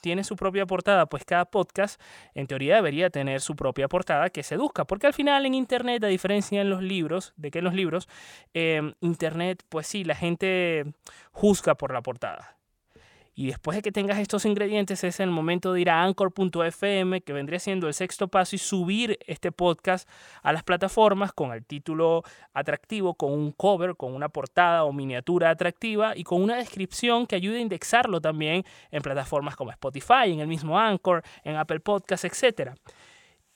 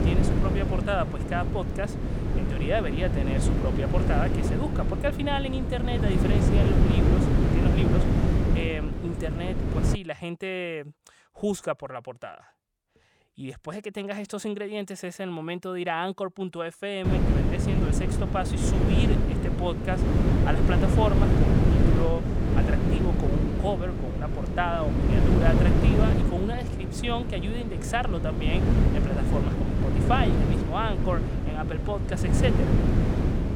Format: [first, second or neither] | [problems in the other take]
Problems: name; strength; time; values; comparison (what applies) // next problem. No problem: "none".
first | wind noise on the microphone; heavy; until 10 s and from 17 s on; 1 dB below the speech